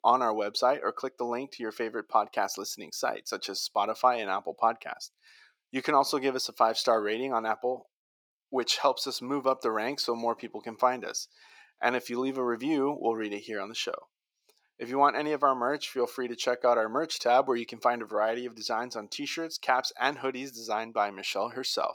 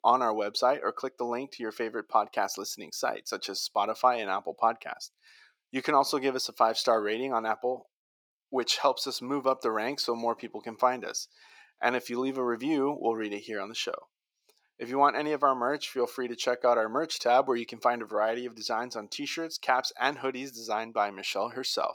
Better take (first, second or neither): neither